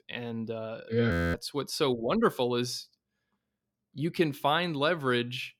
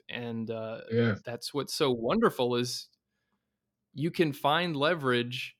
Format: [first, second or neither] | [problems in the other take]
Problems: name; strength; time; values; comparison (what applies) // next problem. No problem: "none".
second | audio freezing; at 1 s